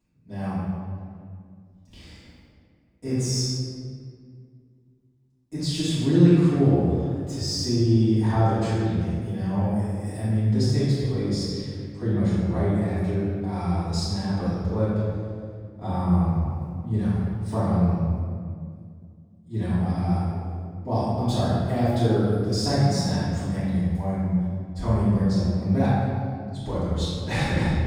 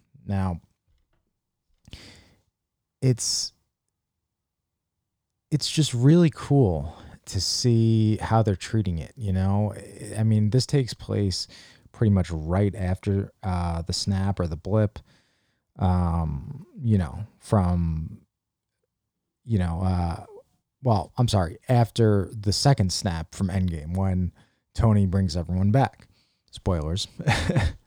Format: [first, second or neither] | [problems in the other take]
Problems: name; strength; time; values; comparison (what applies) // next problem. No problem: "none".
second | off-mic speech; far // room echo; strong; dies away in 2 s